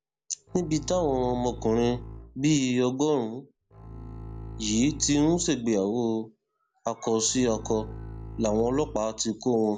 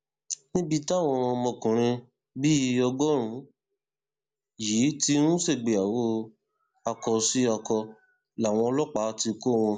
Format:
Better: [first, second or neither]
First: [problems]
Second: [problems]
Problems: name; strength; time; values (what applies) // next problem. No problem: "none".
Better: second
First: background sound (Bowed string instrument); 14 dB below the speech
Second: none